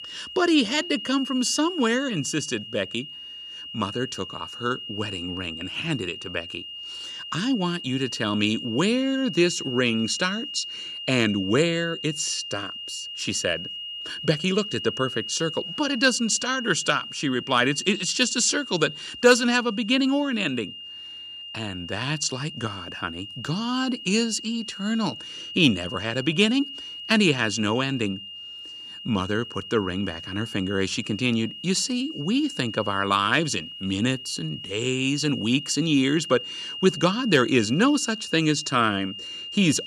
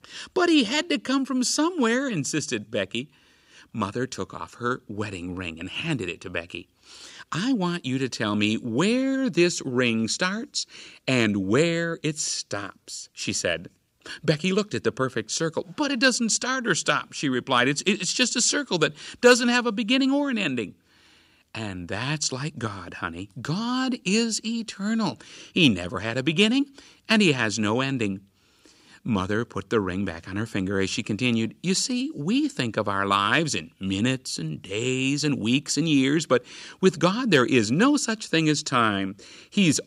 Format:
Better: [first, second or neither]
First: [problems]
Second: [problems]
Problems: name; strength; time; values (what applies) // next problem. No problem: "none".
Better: second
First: high-pitched whine; loud; throughout; 3 kHz, 10 dB below the speech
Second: none